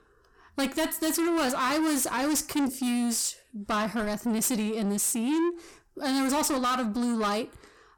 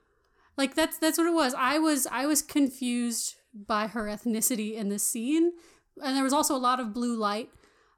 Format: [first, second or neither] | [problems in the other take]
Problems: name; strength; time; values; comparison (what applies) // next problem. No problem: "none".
second | distortion; heavy; 8 dB below the speech